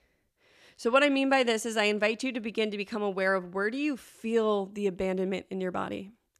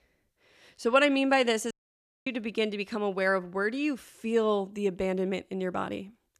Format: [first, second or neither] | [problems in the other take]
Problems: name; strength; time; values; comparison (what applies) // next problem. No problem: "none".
first | audio cutting out; at 1.5 s for 0.5 s